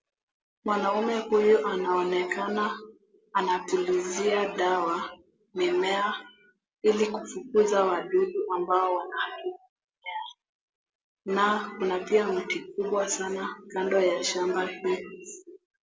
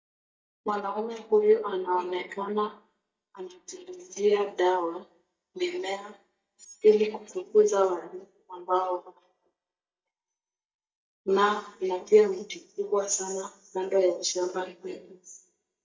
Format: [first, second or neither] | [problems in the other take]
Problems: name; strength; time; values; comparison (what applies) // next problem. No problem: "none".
first | noise reduction (neural mask model DeepFilterNet 3)